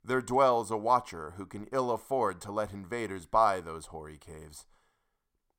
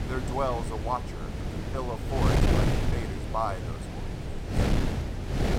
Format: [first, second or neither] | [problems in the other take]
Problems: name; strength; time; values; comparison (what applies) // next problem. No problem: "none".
first | wind noise on the microphone; heavy; 3 dB below the speech